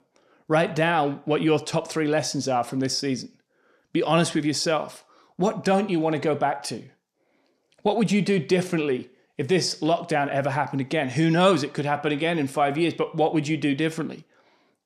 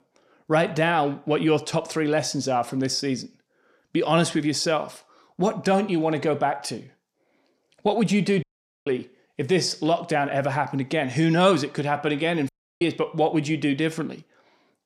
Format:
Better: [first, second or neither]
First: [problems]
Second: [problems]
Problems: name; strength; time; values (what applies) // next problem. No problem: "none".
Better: first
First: none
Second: audio cutting out; at 8.5 s and at 12 s